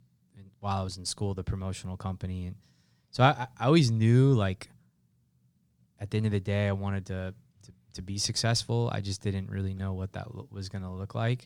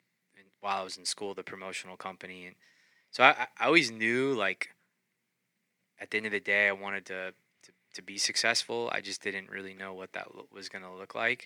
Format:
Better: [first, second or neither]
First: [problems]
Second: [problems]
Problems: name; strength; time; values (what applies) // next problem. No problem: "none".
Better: first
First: none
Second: thin; very; fading below 300 Hz